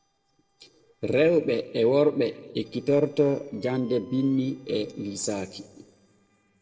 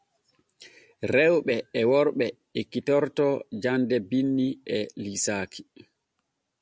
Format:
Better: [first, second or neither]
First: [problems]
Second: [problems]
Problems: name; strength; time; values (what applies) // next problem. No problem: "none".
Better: second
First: noise reduction (neural separator model SepFormer DNS4)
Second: none